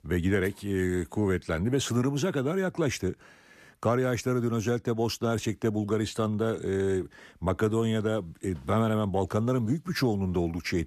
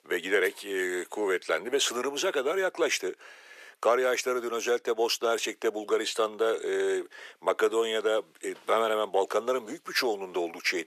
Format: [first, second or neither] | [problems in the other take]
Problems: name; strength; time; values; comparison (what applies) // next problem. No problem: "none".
first | thin; very; fading below 450 Hz